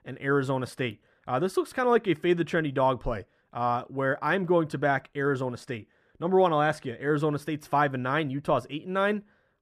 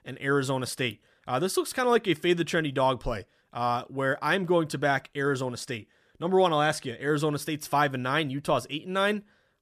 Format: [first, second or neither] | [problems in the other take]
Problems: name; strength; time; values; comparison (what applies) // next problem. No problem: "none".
second | muffled; slightly; fading above 2.5 kHz